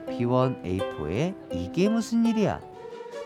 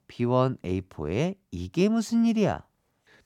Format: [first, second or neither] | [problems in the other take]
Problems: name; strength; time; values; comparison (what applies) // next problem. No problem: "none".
second | background music; noticeable; throughout; 10 dB below the speech